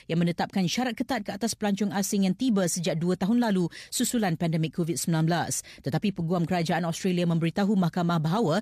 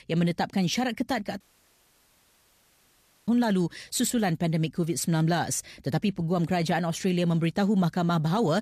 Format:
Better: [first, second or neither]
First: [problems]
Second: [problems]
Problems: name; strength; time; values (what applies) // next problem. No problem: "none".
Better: first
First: none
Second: audio cutting out; at 1.5 s for 2 s